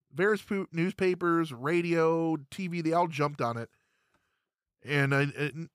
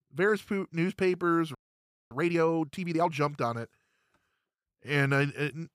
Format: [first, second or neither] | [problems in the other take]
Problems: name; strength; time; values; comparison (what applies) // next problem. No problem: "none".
first | audio freezing; at 1.5 s for 0.5 s